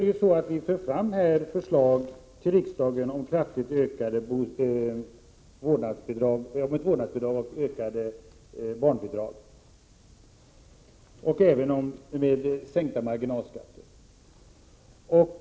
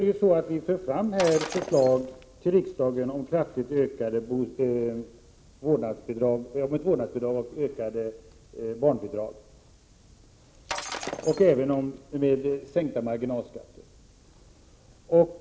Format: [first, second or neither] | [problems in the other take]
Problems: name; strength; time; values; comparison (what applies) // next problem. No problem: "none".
first | background sound (Shatter); 10 dB below the speech